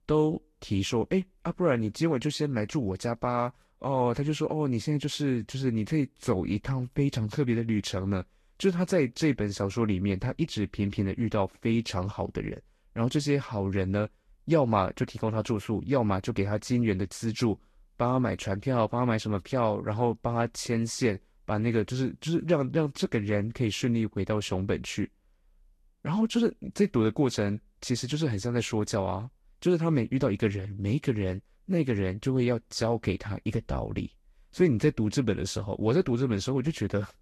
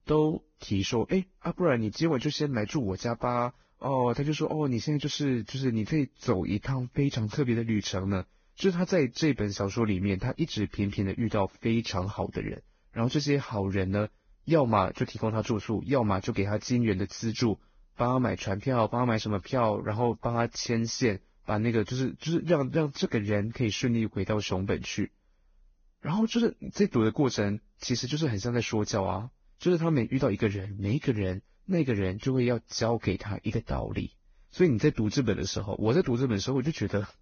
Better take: first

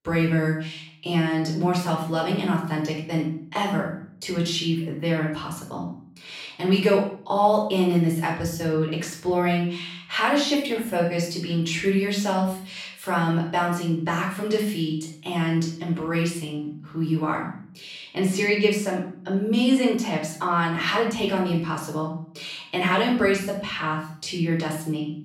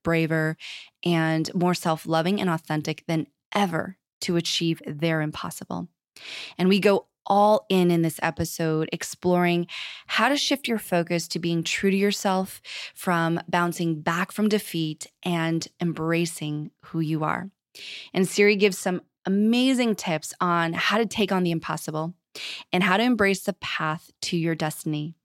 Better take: second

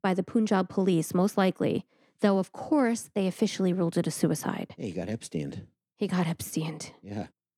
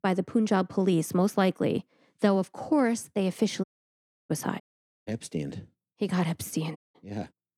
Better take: first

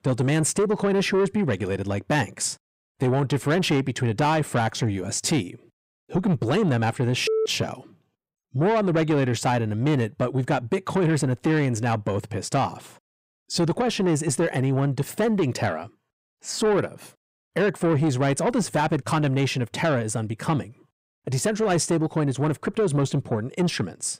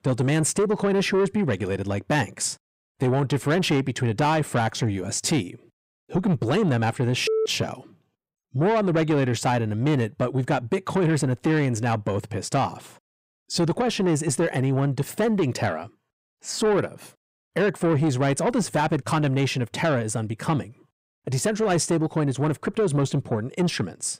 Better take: neither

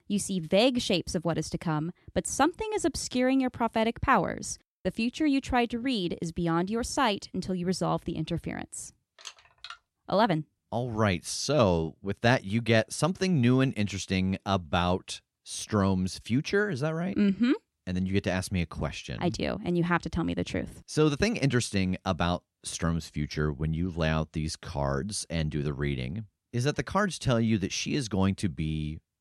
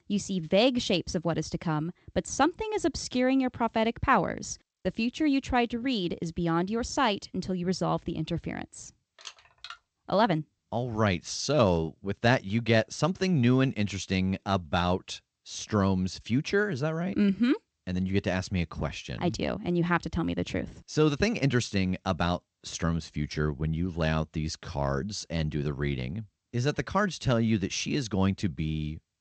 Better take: first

